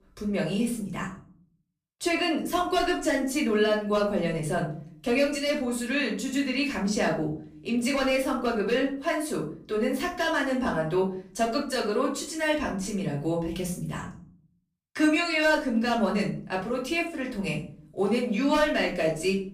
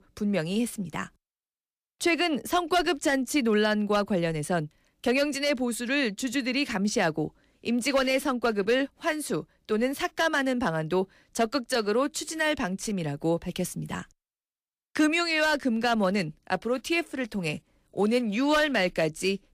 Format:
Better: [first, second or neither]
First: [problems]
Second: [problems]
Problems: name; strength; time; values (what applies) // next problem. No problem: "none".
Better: second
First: room echo; slight; dies away in 0.4 s // off-mic speech; far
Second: none